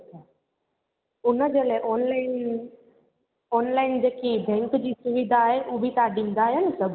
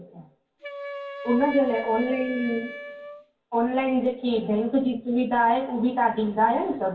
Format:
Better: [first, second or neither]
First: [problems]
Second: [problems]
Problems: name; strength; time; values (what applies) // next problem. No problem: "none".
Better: first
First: none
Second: background sound (Wind instrument, woodwind instrument); 13 dB below the speech // room echo; dies away in 0.2 s